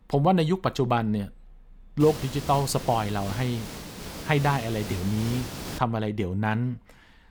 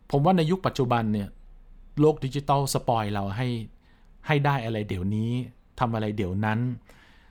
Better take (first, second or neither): second